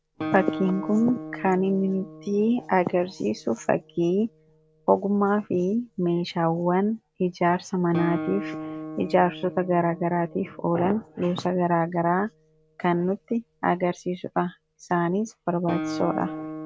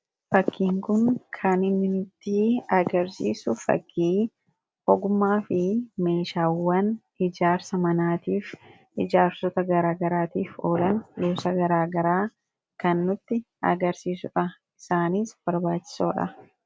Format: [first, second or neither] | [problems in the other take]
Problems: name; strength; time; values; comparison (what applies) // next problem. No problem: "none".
second | background sound (Guitar); 13 dB below the speech